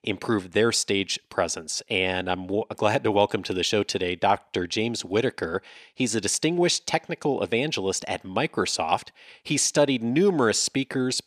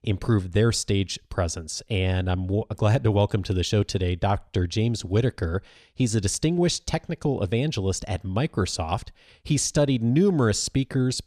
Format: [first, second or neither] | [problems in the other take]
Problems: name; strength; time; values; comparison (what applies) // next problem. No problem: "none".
second | thin; somewhat; fading below 250 Hz